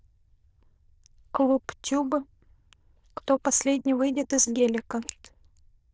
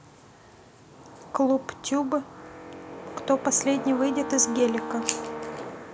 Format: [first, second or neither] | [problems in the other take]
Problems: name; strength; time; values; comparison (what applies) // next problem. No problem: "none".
second | noise reduction (neural diffusion model UNIVERSE++)